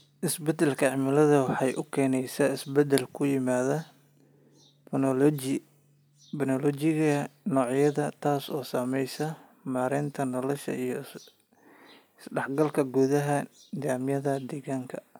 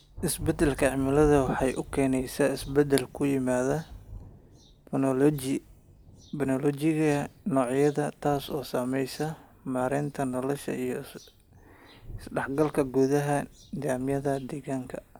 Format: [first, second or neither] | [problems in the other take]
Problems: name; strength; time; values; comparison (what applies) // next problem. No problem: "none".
first | background sound (Thunder); 17 dB below the speech